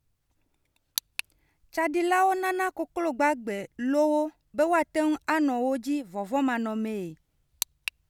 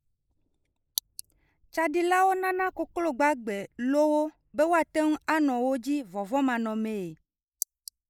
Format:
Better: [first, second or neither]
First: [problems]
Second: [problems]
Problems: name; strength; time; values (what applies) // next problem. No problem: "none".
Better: first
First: none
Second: noise reduction (neural mask model Resemble Enhance denoiser)